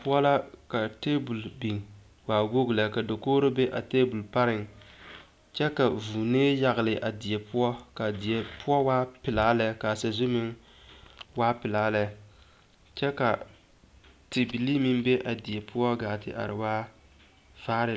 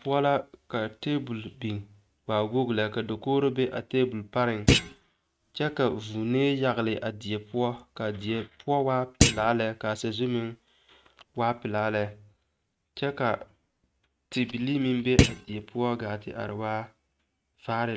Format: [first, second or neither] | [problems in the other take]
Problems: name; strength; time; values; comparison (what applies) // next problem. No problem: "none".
first | noise reduction (neural mask model RNNoise)